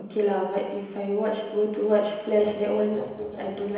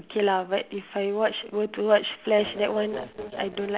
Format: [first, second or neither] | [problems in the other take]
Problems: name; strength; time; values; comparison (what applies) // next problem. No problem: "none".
second | room echo; dies away in 1 s